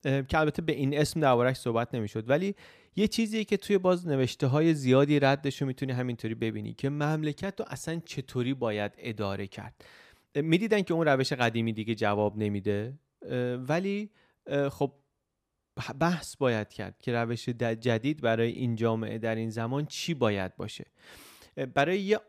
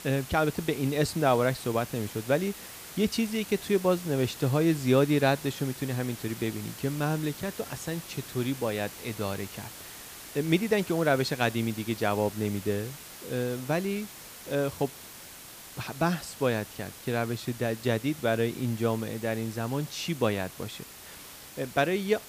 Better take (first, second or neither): first